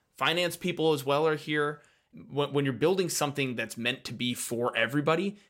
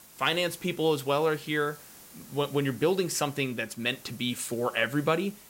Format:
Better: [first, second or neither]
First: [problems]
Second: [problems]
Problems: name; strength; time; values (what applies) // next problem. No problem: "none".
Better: first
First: none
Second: hiss; noticeable; throughout; 20 dB below the speech